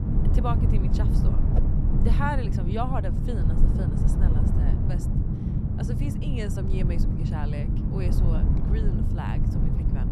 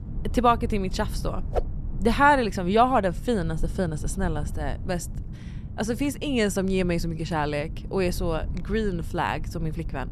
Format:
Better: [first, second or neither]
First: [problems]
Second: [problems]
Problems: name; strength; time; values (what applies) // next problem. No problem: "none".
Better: second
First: low rumble; loud; throughout; 1 dB below the speech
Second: low rumble; faint; throughout; 20 dB below the speech